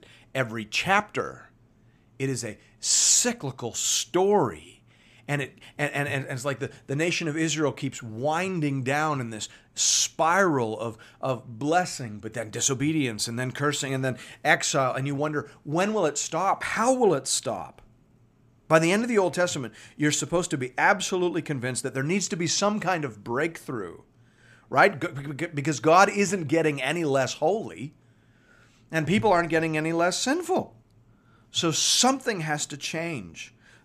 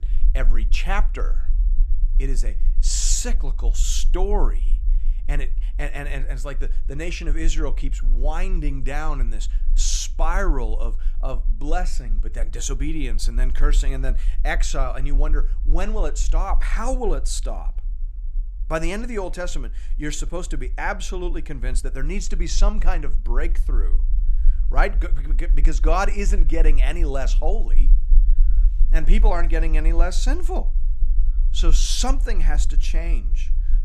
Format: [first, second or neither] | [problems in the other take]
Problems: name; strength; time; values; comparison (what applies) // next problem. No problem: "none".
first | low rumble; faint; throughout; 20 dB below the speech